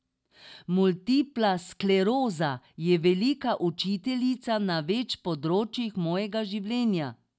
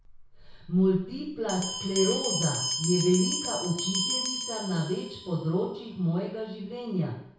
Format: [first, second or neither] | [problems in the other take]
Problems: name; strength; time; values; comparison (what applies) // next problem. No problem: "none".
first | background sound (Bell); 5 dB below the speech // room echo; dies away in 0.6 s